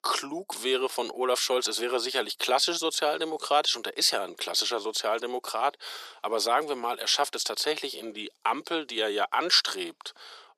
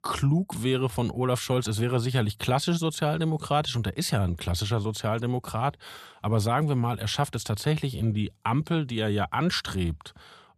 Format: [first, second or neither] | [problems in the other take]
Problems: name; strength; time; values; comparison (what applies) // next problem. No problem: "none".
second | thin; very; fading below 350 Hz